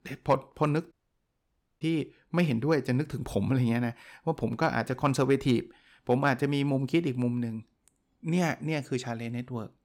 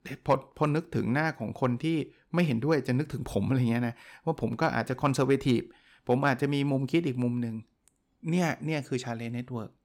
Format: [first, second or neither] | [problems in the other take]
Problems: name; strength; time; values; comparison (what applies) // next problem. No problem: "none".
second | audio cutting out; at 1 s for 1 s